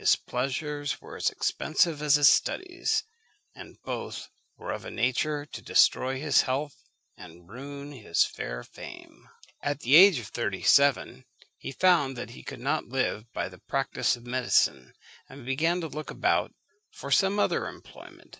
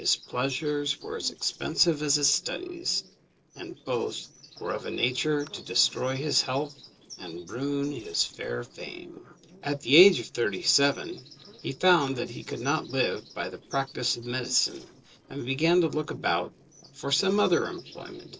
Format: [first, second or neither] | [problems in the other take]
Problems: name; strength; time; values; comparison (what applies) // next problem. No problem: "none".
first | noise reduction (neural separator model SepFormer DNS4)